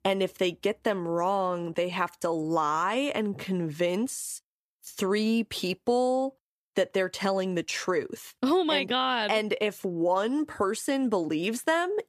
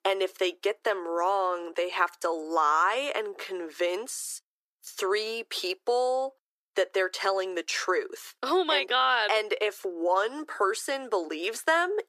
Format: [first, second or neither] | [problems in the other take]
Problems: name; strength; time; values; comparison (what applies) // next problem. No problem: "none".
first | thin; very; fading below 350 Hz